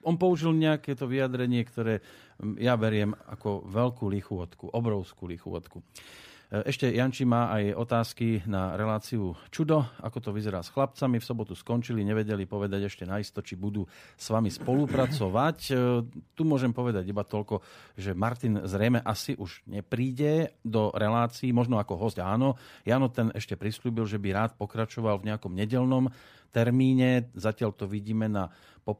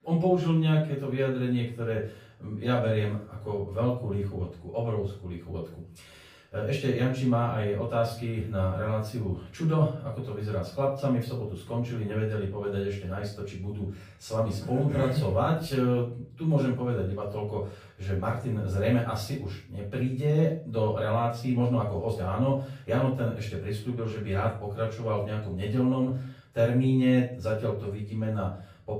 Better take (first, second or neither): first